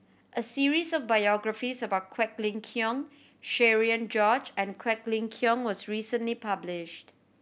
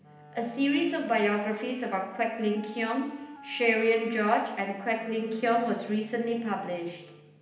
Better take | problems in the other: first | background sound (Wind instrument, woodwind instrument); 20 dB below the speech // room echo; dies away in 0.8 s

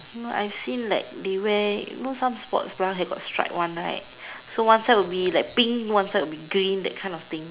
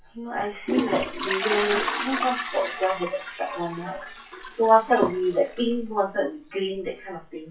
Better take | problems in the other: first | noise reduction (classical method WPE with log-MMSE)

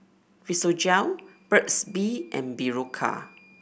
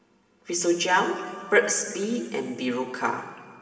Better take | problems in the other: first | background sound (Wind instrument, woodwind instrument); 19 dB below the speech // room echo; dies away in 2 s

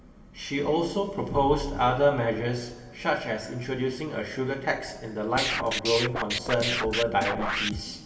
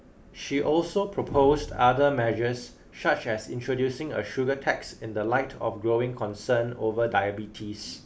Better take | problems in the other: second | background sound (Scratching (performance technique)); 2 dB below the speech // room echo; dies away in 2.1 s

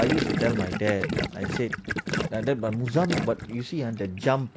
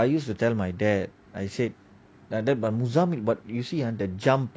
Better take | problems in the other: second | background sound (Gurgling); 3 dB below the speech

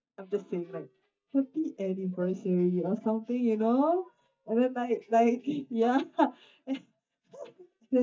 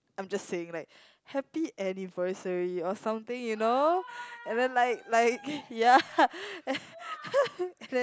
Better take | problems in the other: second | noise reduction (neural mask model DeepFilterNet 3)

